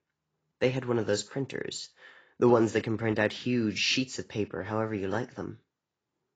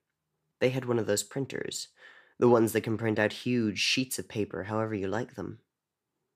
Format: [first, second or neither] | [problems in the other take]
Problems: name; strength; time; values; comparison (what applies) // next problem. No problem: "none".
second | garbled, watery; badly; nothing above 7.5 kHz